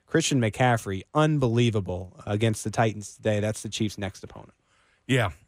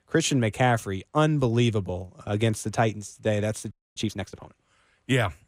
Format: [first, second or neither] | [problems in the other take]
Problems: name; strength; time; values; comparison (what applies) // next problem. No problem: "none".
first | audio freezing; at 3.5 s